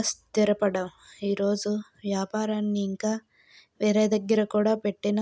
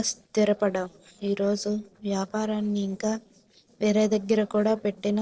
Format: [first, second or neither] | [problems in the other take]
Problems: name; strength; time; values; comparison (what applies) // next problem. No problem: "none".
first | noise reduction (neural separator model SepFormer DNS4)